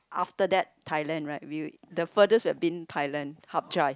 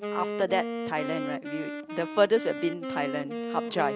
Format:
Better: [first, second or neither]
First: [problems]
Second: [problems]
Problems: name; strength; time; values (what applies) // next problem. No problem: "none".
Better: first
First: none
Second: background sound (Wind instrument, woodwind instrument); 5 dB below the speech